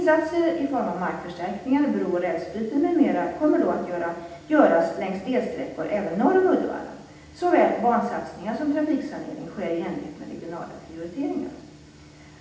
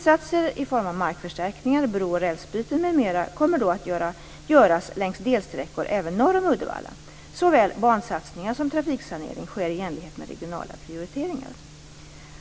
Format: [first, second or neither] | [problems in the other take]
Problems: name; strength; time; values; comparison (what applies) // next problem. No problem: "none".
second | room echo; dies away in 0.8 s